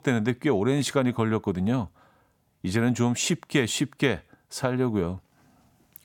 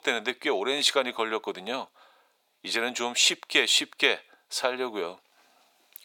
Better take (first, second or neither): first